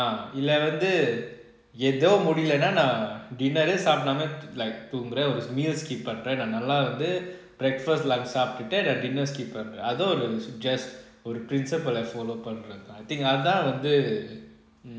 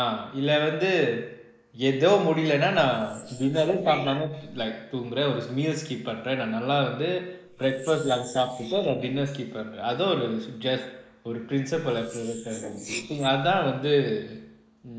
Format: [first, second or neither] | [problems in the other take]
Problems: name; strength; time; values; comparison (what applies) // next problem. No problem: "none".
first | noise reduction (neural mask model Resemble Enhance denoiser)